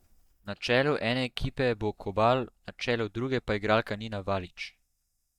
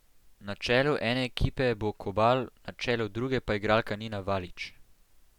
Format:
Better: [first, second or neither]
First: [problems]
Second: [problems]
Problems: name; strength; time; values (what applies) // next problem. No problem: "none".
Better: second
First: noise reduction (neural mask model DeepFilterNet 3)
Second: none